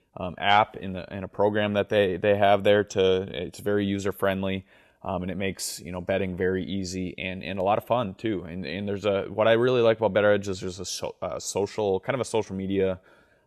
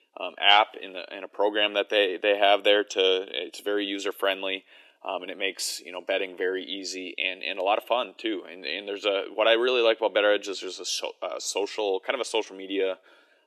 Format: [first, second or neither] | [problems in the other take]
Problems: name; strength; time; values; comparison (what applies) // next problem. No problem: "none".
first | thin; somewhat; fading below 300 Hz